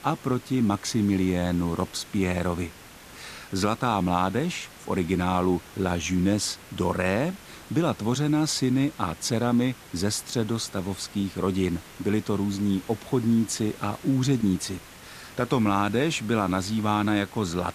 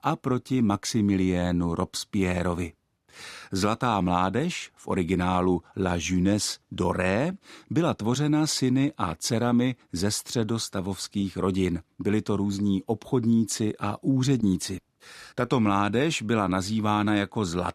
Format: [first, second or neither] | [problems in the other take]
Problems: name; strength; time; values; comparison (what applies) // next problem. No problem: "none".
second | hiss; noticeable; throughout; 20 dB below the speech